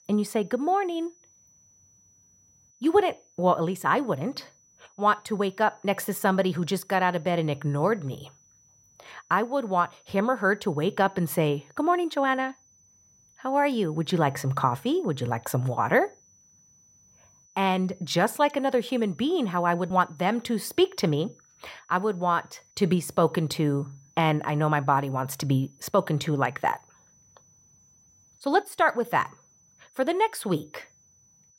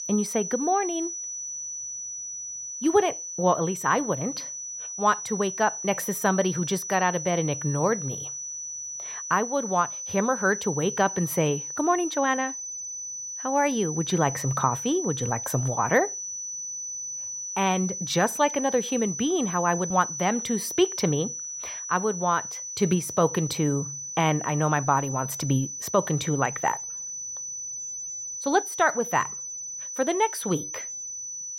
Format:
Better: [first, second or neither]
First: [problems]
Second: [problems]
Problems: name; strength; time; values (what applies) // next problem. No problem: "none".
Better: first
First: high-pitched whine; faint; throughout; 6 kHz, 30 dB below the speech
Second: high-pitched whine; loud; throughout; 6 kHz, 6 dB below the speech